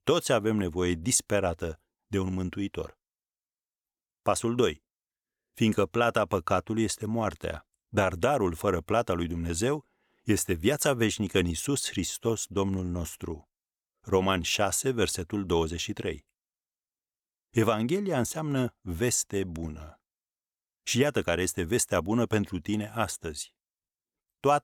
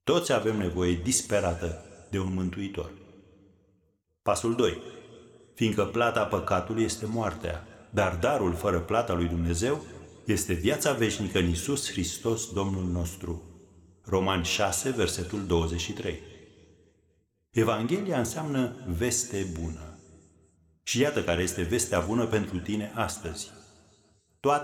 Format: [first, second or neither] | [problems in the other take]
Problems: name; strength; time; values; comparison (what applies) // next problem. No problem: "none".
first | room echo; very slight; dies away in 1.5 s